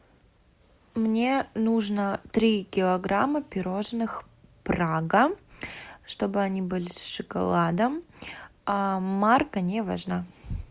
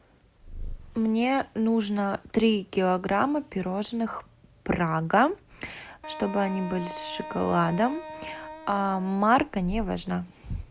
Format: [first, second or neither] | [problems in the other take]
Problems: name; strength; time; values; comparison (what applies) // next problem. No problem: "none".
first | background sound (Purr + Wind instrument, woodwind instrument); 12 dB below the speech